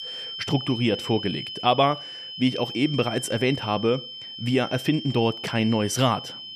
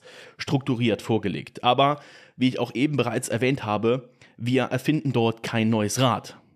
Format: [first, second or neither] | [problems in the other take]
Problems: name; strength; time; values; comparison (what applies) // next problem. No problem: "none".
second | high-pitched whine; loud; throughout; 3 kHz, 9 dB below the speech